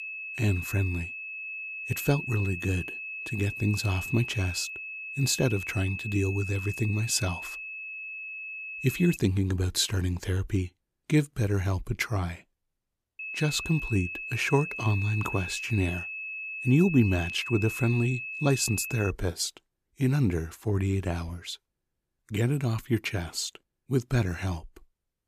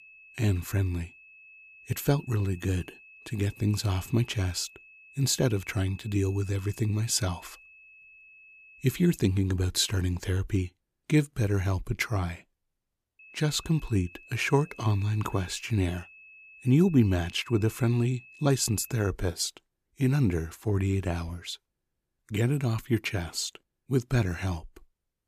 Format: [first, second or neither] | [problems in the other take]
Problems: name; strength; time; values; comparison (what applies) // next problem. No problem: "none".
second | high-pitched whine; loud; until 9 s and from 13 to 19 s; 2.5 kHz, 7 dB below the speech; faint in the second